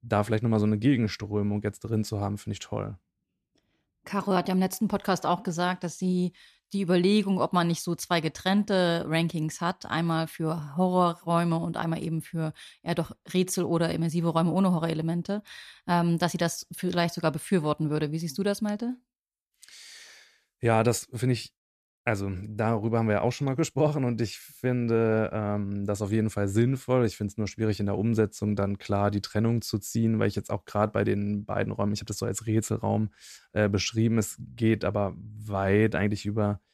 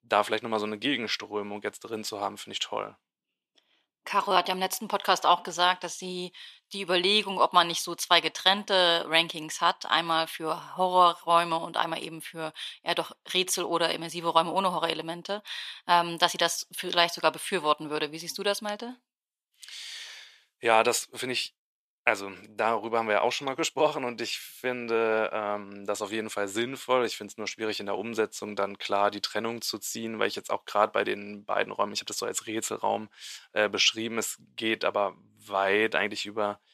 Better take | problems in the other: first | thin; very; fading below 500 Hz

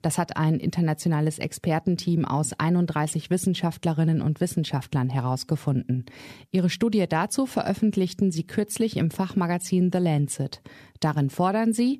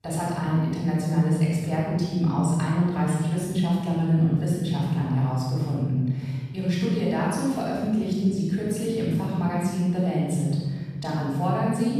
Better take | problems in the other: first | off-mic speech; far // room echo; strong; dies away in 1.7 s

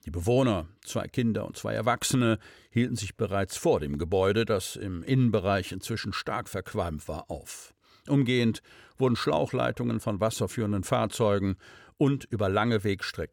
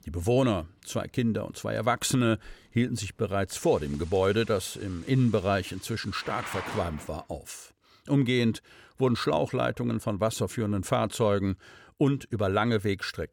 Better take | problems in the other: first | rain or running water; noticeable; until 7 s; 15 dB below the speech

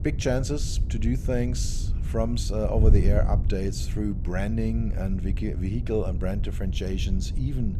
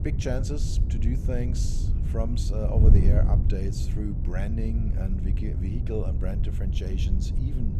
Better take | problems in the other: first | wind noise on the microphone; heavy; 4 dB below the speech; occasional gusts in the first

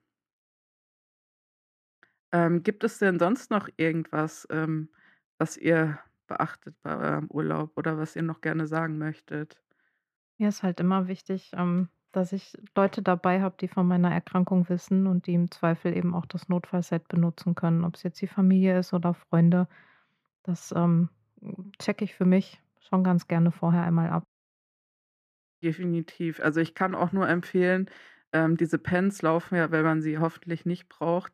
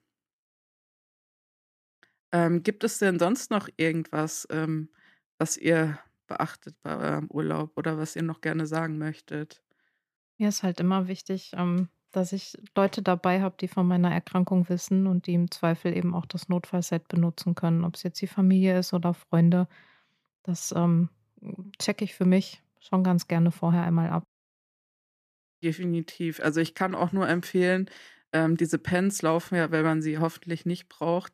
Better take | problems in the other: second | muffled; slightly; fading above 3.5 kHz

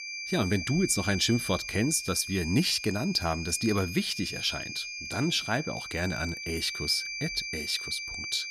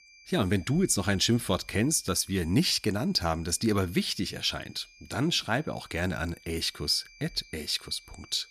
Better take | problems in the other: second | high-pitched whine; loud; throughout; 2.5 kHz, 6 dB below the speech; faint in the second

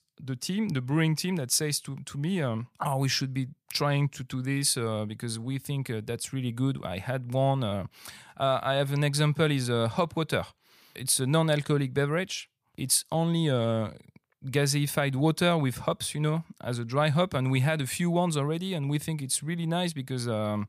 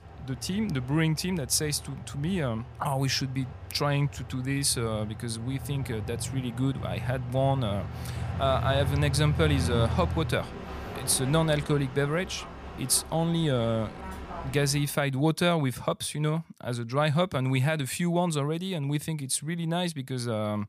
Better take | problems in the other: first | train or aircraft noise; loud; until 15 s; 9 dB below the speech

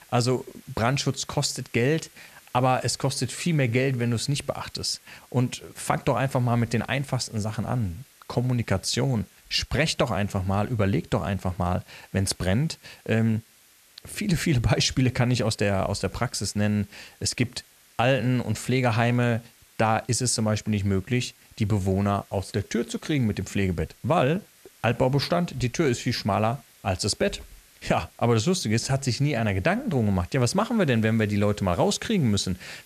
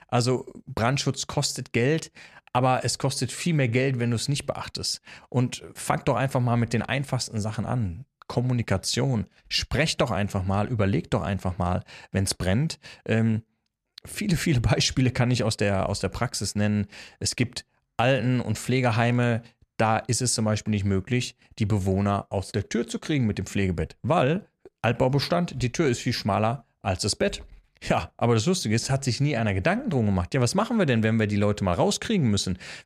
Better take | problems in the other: second | hiss; faint; throughout; 25 dB below the speech

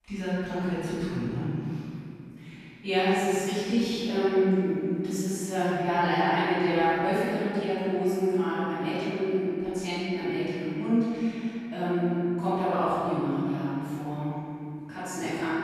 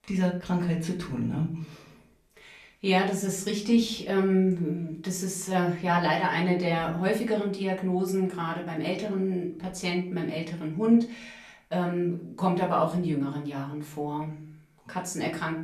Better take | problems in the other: second | room echo; strong; dies away in 2.6 s; slight in the second // off-mic speech; far; far in the second

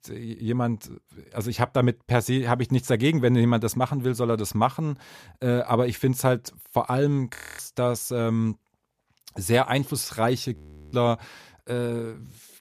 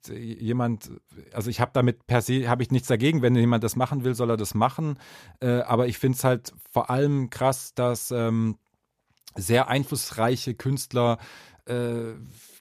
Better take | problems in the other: second | audio freezing; at 7.5 s and at 11 s

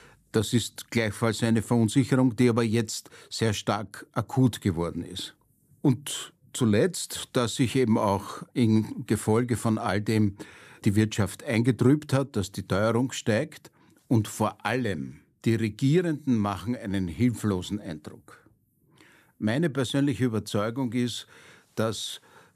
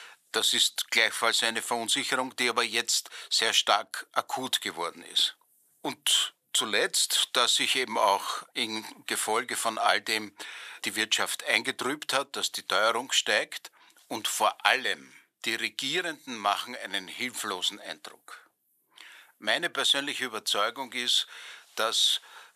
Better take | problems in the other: first | thin; very; fading below 900 Hz

